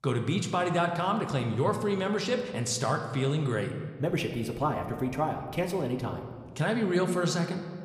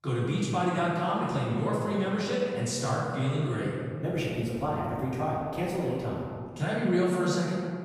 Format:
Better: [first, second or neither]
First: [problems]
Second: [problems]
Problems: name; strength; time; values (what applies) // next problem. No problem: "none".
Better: first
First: room echo; slight; dies away in 1.3 s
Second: room echo; strong; dies away in 1.9 s // off-mic speech; far